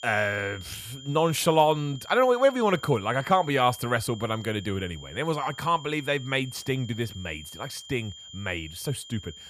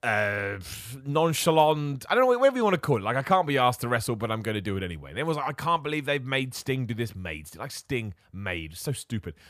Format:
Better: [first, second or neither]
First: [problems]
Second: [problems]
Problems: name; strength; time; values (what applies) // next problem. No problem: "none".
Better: second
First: high-pitched whine; noticeable; throughout; 3 kHz, 15 dB below the speech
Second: none